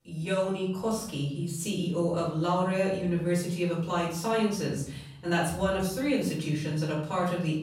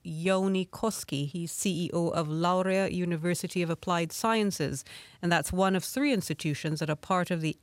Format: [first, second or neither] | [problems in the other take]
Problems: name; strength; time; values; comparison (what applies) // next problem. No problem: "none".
second | off-mic speech; far // room echo; noticeable; dies away in 0.8 s